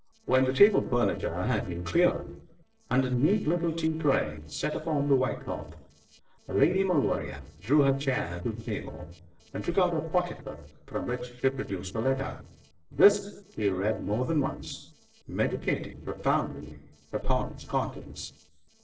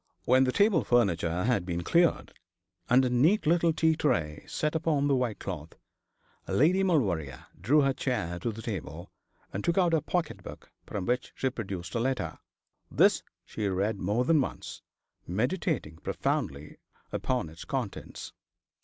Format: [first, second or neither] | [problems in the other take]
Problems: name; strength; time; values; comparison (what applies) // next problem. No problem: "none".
second | noise reduction (neural separator model SepFormer DNS4)